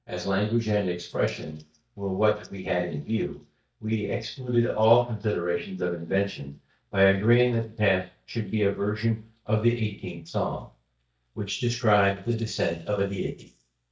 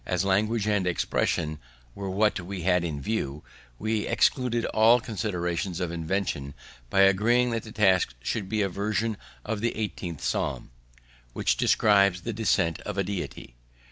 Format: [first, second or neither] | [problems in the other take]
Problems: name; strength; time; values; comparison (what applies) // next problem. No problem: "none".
second | noise reduction (neural mask model DeepFilterNet 3)